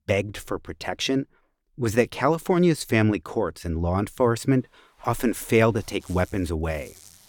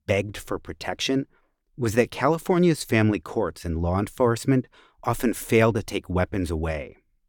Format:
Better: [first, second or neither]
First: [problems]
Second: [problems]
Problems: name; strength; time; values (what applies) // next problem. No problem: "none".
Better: second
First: household noises; faint; from 5 s on; 25 dB below the speech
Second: none